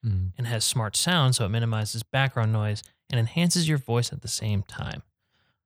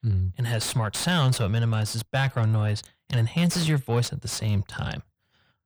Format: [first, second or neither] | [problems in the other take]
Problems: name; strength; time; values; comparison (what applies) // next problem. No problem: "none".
first | distortion; slight; 10 dB below the speech